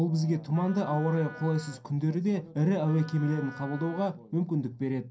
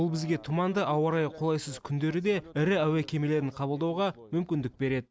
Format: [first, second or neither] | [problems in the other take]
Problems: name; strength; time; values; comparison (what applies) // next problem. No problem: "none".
second | background sound (Wind instrument, woodwind instrument); 20 dB below the speech // room echo; dies away in 0.3 s